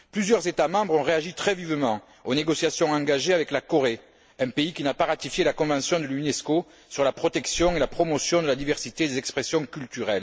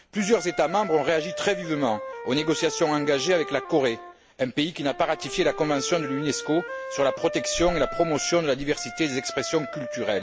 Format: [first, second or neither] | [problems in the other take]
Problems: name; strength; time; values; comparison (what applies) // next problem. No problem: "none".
first | background sound (Wind instrument, woodwind instrument); 11 dB below the speech